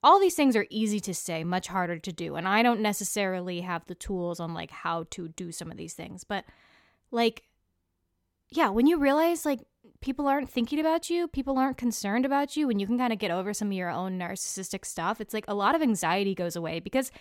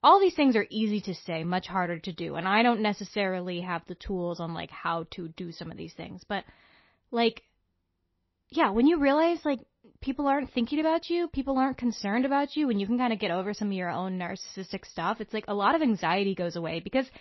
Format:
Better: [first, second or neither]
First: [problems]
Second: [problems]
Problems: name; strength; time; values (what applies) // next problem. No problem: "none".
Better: first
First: none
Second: garbled, watery; slightly; nothing above 5.5 kHz